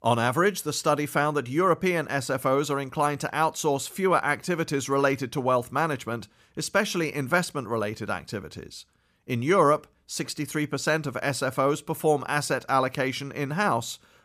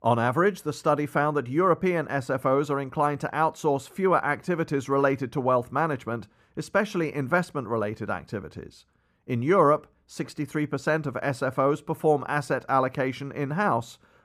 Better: first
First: none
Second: muffled; slightly; fading above 2.5 kHz

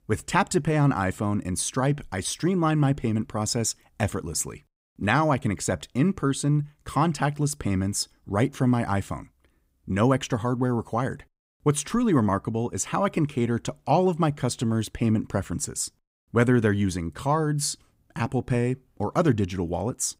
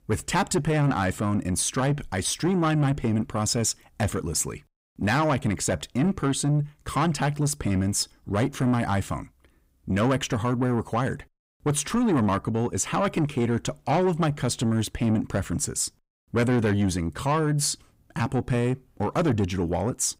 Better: first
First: none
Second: distortion; slight; 10 dB below the speech

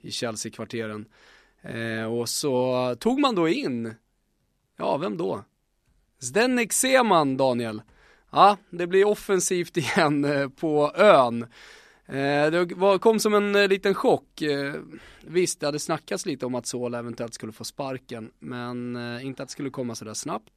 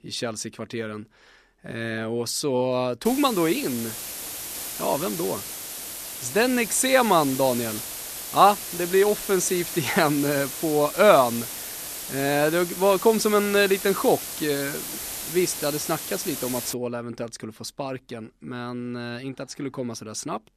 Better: first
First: none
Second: hiss; loud; from 3 to 17 s; 8 dB below the speech

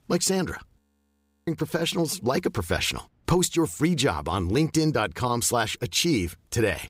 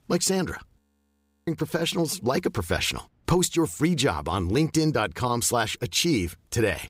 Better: neither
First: audio freezing; at 1 s for 0.5 s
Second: audio freezing; at 1 s for 0.5 s

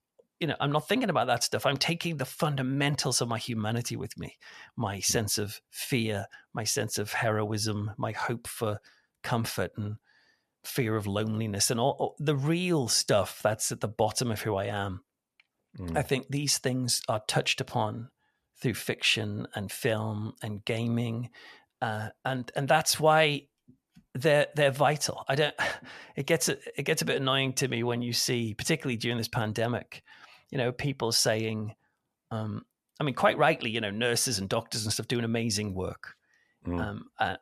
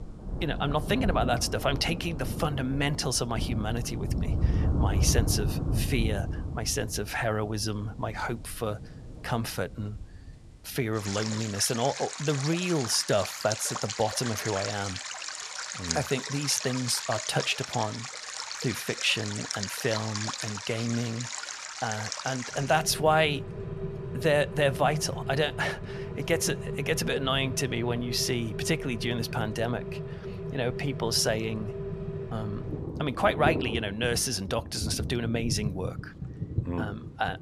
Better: first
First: none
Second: rain or running water; loud; throughout; 5 dB below the speech

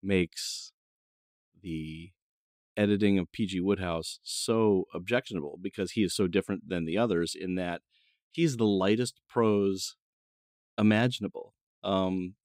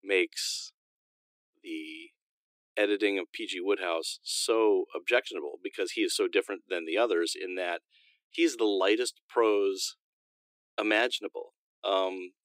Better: first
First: none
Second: thin; very; fading below 300 Hz

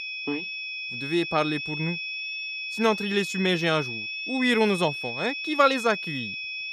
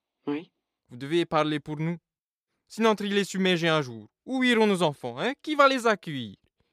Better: second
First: high-pitched whine; loud; throughout; 2.5 kHz, 5 dB below the speech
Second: none

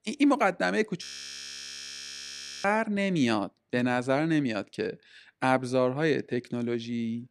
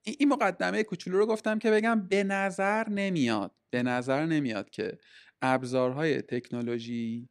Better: second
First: audio freezing; at 1 s for 1.5 s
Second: none

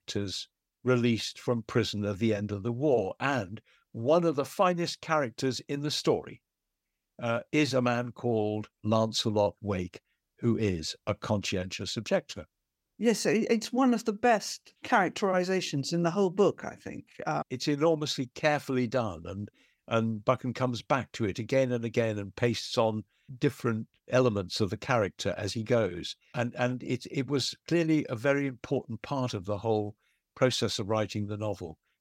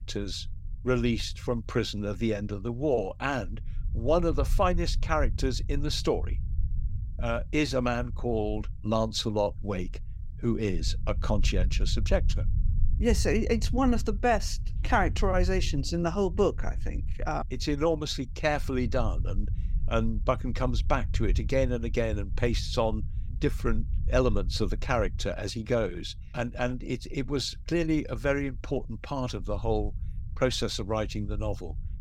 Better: first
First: none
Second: low rumble; faint; throughout; 25 dB below the speech

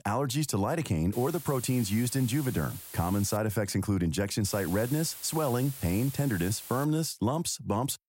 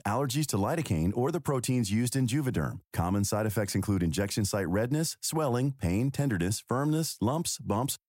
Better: second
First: hiss; noticeable; from 1 to 3.5 s and from 4.5 to 7 s; 10 dB below the speech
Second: none

